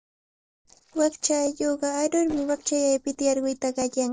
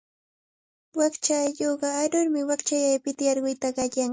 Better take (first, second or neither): second